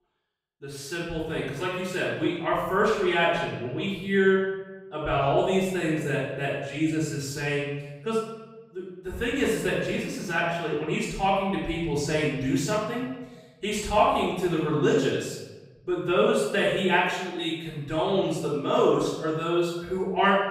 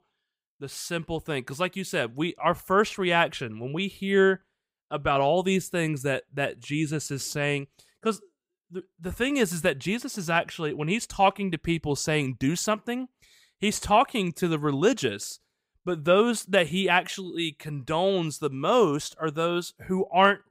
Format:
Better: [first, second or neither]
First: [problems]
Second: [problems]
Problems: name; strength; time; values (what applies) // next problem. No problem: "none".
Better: second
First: off-mic speech; far // room echo; noticeable; dies away in 1 s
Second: none